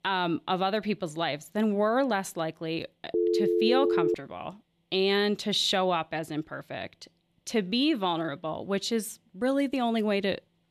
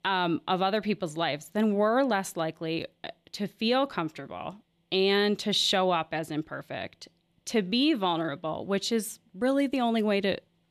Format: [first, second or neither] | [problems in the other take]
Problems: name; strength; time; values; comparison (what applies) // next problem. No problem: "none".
second | phone ringing; loud; from 3 to 4 s; peak 3 dB above the speech